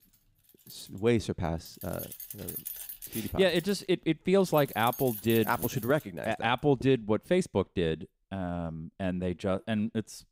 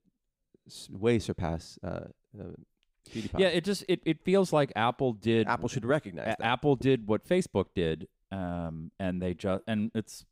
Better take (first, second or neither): second